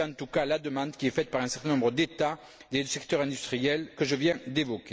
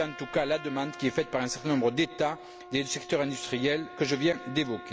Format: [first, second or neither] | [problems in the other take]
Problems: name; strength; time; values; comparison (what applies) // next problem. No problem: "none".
first | background sound (Trumpet); 15 dB below the speech